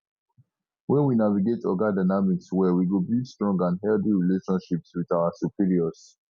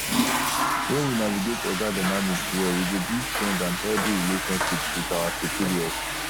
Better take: first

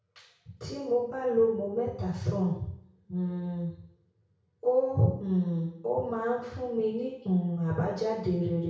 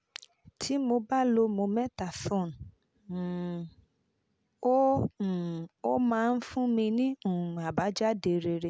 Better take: second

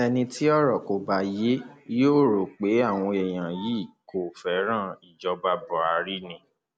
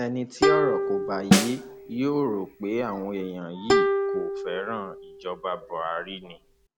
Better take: first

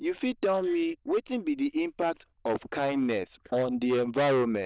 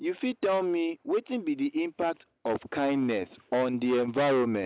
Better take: second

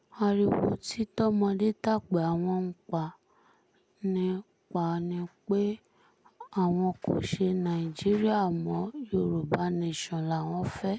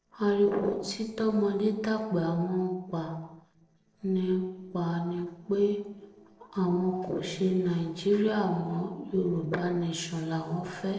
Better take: first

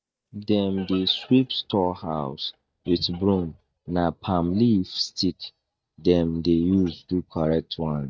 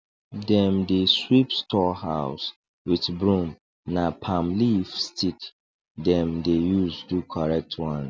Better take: second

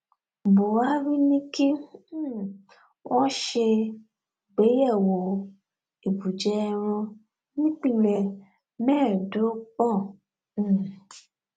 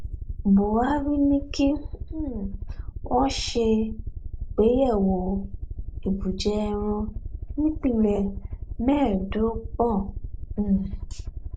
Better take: first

